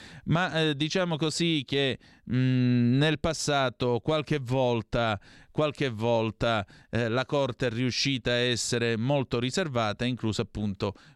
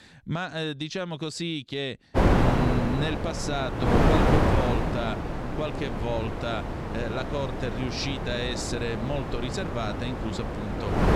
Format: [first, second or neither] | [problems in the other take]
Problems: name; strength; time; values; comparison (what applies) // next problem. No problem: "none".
first | wind noise on the microphone; heavy; from 2 s on; 3 dB above the speech